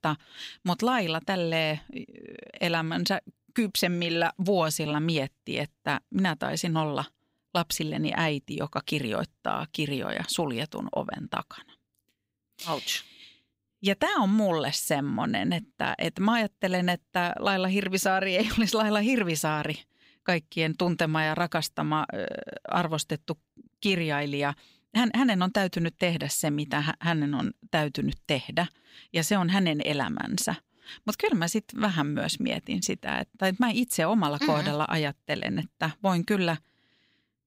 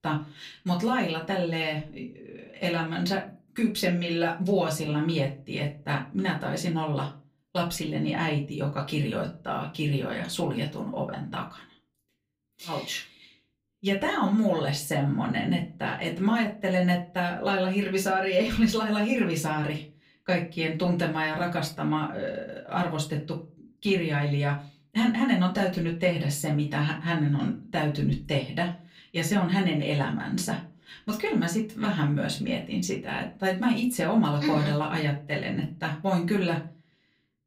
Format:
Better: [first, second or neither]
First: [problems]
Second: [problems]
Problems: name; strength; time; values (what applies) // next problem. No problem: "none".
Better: first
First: none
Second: off-mic speech; far // room echo; very slight; dies away in 0.3 s